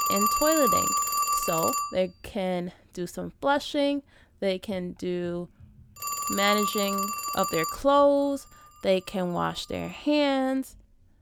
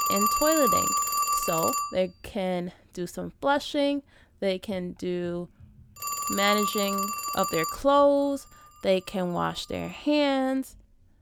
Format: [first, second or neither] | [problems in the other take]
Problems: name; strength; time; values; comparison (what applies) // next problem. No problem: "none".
neither | alarms or sirens; very loud; throughout; 1 dB above the speech; the same in both